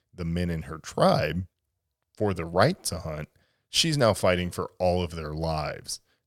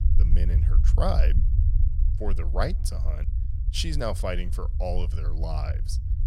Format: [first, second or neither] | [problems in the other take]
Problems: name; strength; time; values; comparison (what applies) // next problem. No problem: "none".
first | low rumble; noticeable; throughout; 10 dB below the speech